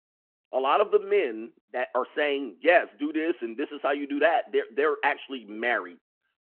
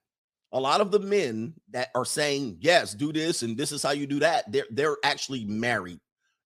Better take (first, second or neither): second